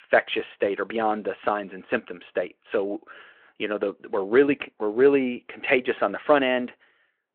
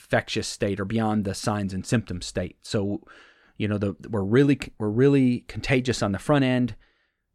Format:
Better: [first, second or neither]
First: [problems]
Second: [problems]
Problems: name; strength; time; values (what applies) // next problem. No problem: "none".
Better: second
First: phone-call audio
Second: none